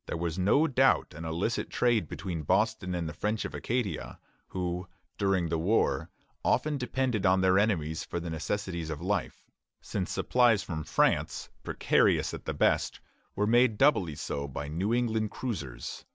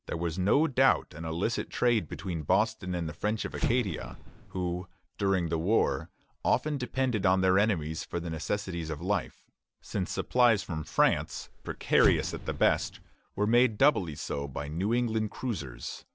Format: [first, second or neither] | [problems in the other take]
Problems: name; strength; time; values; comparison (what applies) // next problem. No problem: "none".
first | background sound (Explosion); 8 dB below the speech